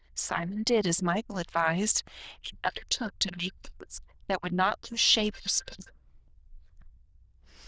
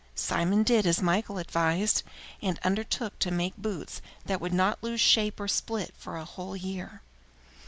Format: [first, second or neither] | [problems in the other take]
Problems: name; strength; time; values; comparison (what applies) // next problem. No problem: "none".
second | noise reduction (neural diffusion model UNIVERSE++)